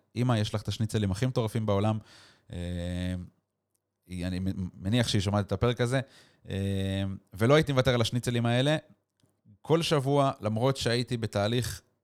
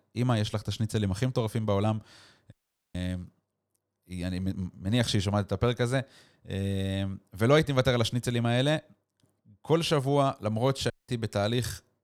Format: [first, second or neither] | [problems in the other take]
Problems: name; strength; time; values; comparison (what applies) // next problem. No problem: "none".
first | audio cutting out; at 2.5 s and at 11 s